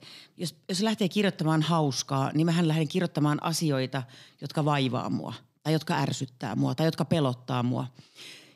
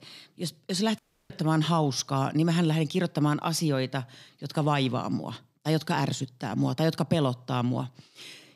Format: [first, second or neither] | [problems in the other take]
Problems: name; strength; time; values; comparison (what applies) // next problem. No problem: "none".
first | audio cutting out; at 1 s